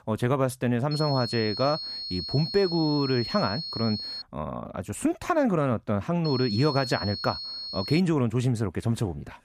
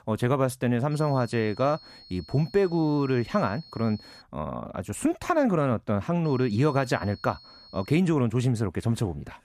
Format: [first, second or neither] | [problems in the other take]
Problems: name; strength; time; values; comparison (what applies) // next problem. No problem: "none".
second | high-pitched whine; loud; from 1 to 4 s and from 6.5 to 8 s; 4.5 kHz, 6 dB below the speech; faint in the second